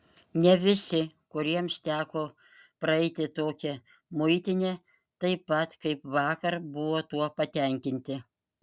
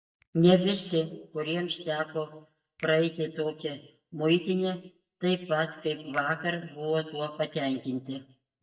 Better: first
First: none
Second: noise reduction (neural mask model DeepFilterNet 3)

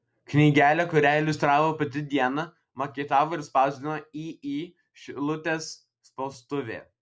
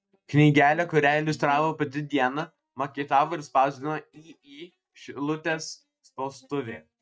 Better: first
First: none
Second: noise reduction (neural mask model DeepFilterNet 3)

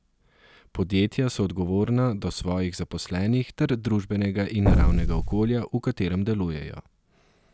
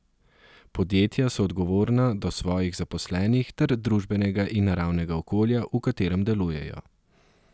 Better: second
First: background sound (Explosion); 5 dB above the speech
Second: none

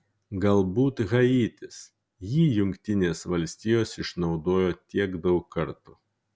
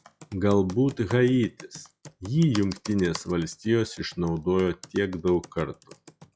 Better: first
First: none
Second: noise reduction (classical method log-MMSE)

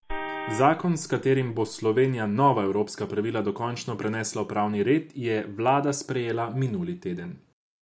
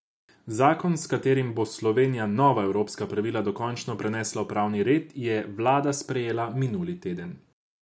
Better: second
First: background sound (Vehicle horn, car horn, honking); 11 dB below the speech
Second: none

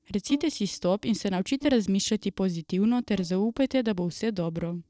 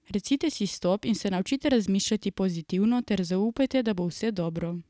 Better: second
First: noise reduction (neural separator model SepFormer DNS4)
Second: none

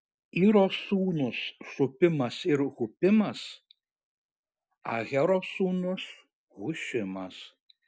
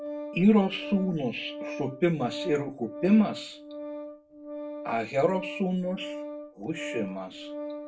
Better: first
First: none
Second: background sound (Organ); 11 dB below the speech // room echo; dies away in 0.2 s

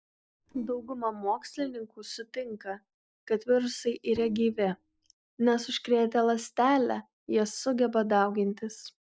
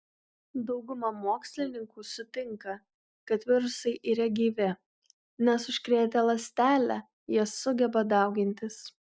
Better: second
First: noise reduction (neural separator model SepFormer DNS4)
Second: none

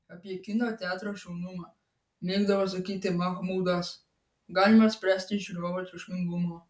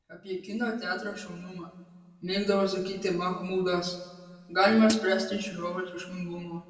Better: first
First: none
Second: background sound (Hi-hat); 6 dB below the speech // room echo; dies away in 1.2 s

